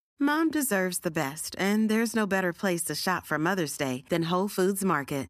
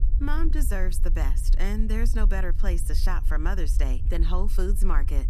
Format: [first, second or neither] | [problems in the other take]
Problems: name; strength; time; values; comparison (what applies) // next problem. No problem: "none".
first | low rumble; noticeable; throughout; 15 dB below the speech